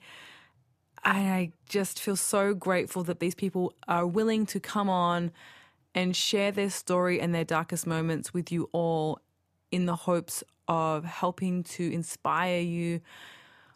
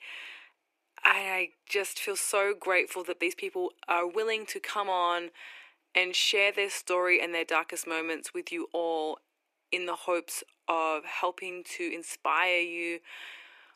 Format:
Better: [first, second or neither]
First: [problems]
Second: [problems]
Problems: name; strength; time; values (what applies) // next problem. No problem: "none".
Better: first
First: none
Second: thin; very; fading below 350 Hz